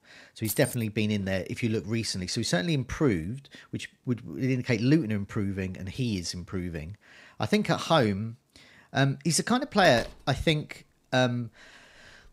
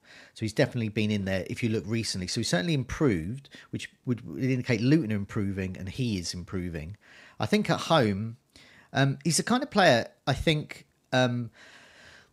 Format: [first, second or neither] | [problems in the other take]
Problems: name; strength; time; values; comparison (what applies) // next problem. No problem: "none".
second | jangling keys; noticeable; at 0.5 s; peak 6 dB below the speech // door banging; faint; from 10 s on; peak 10 dB below the speech